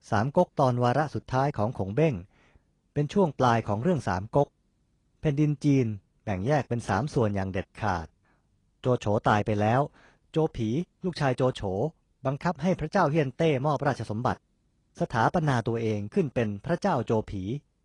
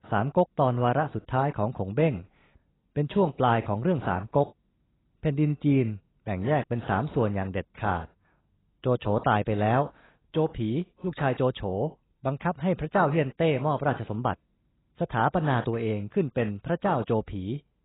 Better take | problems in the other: first | garbled, watery; badly; nothing above 4 kHz; slightly in the first

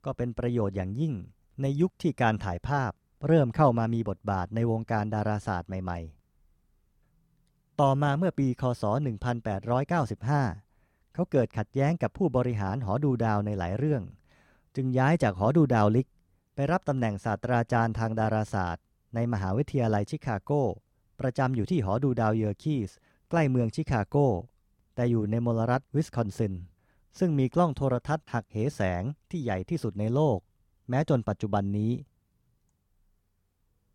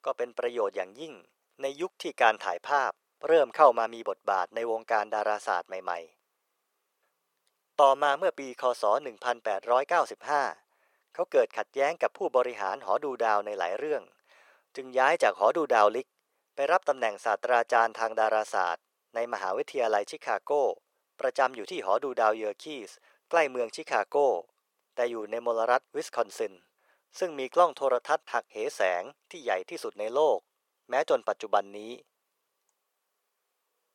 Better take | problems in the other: first | thin; very; fading below 500 Hz

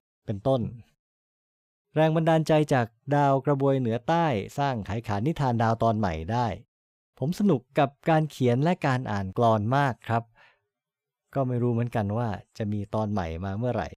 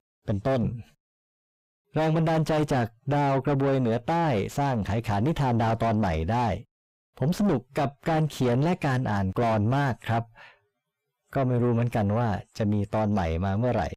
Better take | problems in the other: first | distortion; heavy; 5 dB below the speech

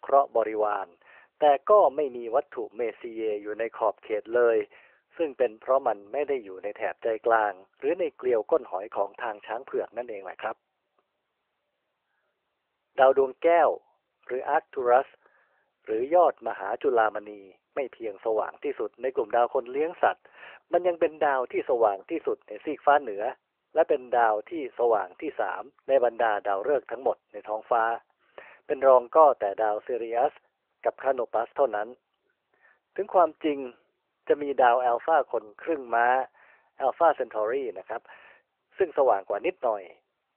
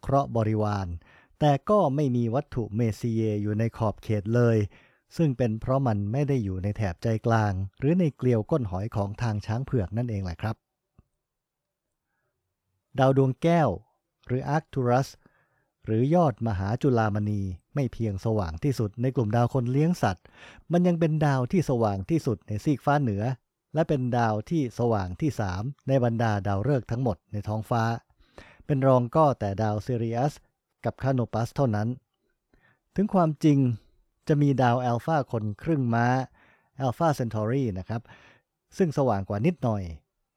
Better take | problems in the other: second | phone-call audio

